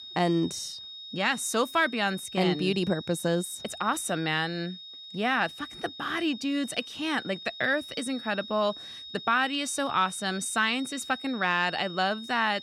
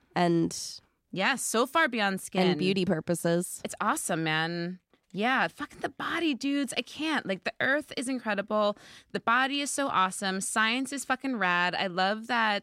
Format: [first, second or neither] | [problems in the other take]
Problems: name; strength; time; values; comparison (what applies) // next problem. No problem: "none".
second | high-pitched whine; noticeable; throughout; 3.5 kHz, 10 dB below the speech